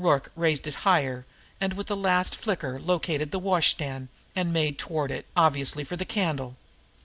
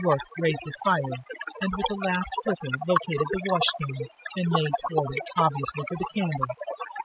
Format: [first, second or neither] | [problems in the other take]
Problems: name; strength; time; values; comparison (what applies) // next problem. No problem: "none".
first | noise reduction (classical method spectral subtraction)